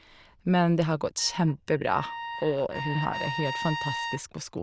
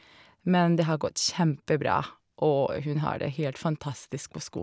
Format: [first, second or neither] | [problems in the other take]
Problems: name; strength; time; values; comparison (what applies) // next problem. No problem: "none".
second | noise reduction (neural diffusion model UNIVERSE++)